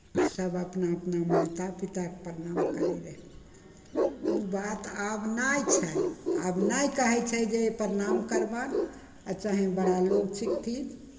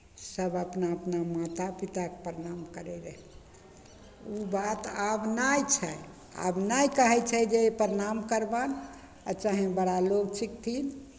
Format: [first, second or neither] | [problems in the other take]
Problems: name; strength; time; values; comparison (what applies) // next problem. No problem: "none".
second | background sound (Bark); 3 dB below the speech // room echo; dies away in 1.6 s